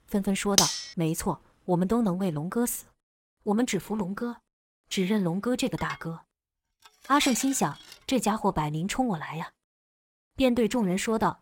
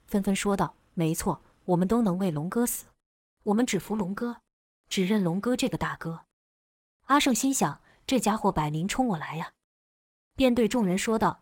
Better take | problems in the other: second | clattering dishes; loud; at 0.5 s; peak 5 dB above the speech // clattering dishes; noticeable; from 6 to 8 s; peak 5 dB below the speech

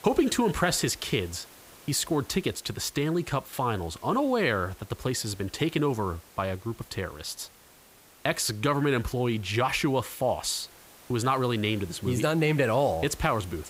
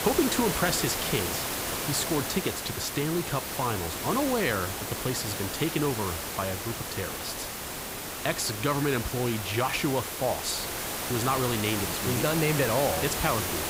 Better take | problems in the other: first | hiss; loud; throughout; 2 dB below the speech; faint in the first

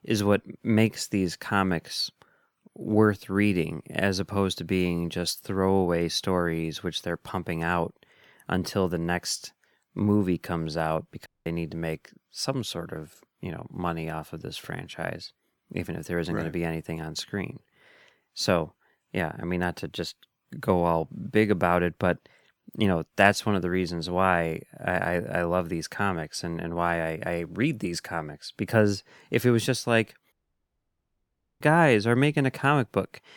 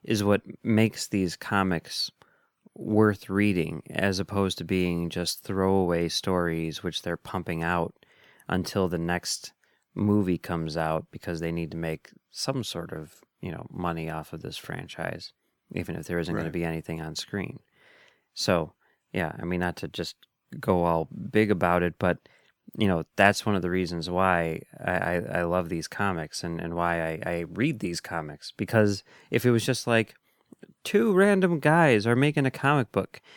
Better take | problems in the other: second | audio cutting out; at 11 s and at 30 s for 1.5 s

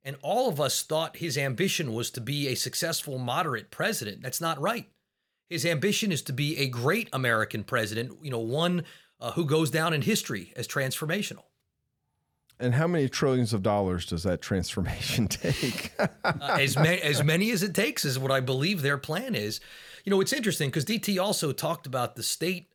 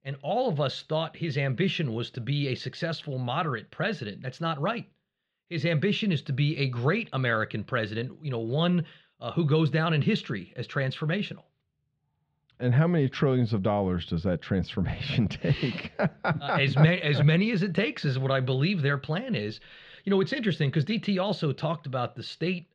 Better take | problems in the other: first | muffled; slightly; fading above 3.5 kHz

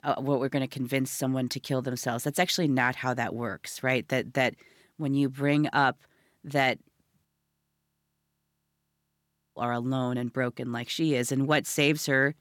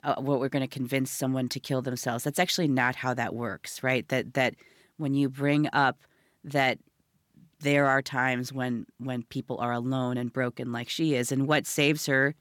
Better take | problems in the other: second | audio freezing; at 7.5 s for 2.5 s

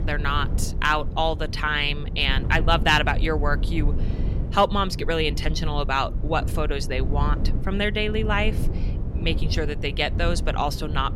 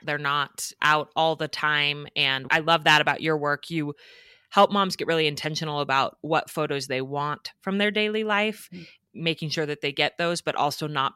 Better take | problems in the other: second | wind noise on the microphone; occasional gusts; 15 dB below the speech

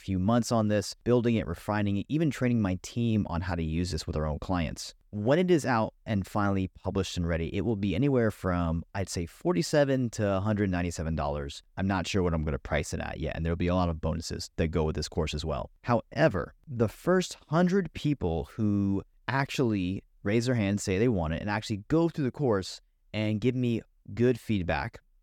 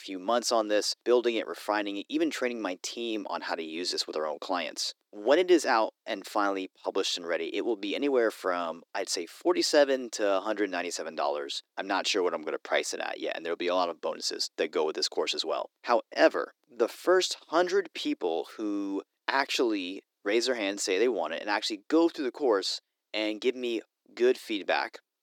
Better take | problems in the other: first | thin; somewhat; fading below 300 Hz

